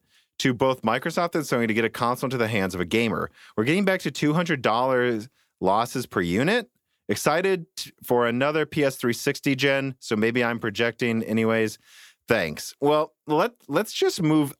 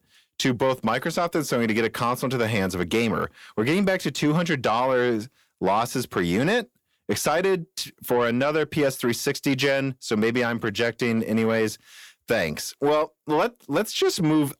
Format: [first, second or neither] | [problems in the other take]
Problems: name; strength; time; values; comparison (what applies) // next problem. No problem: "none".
first | distortion; slight; 10 dB below the speech